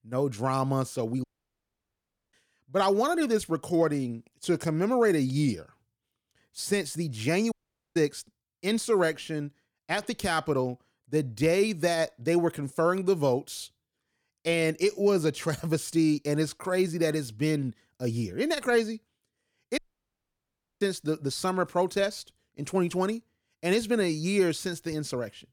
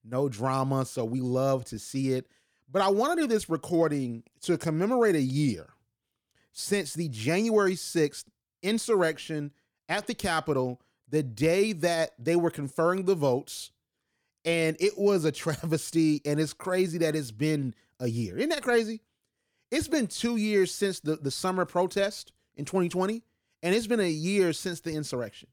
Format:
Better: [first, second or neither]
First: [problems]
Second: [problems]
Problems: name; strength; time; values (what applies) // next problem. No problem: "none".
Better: second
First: audio cutting out; at 1 s for 1 s, at 7.5 s and at 20 s for 1 s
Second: none